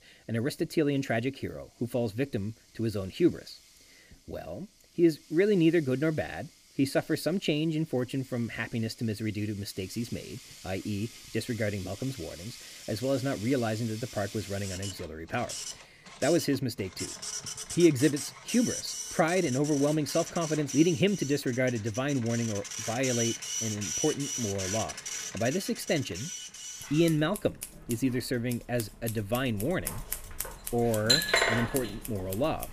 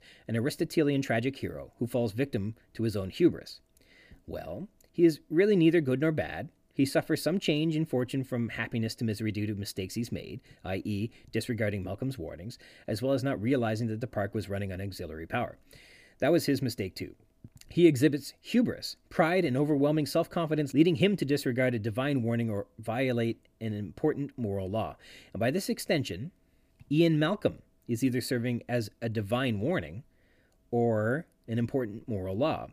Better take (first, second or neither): second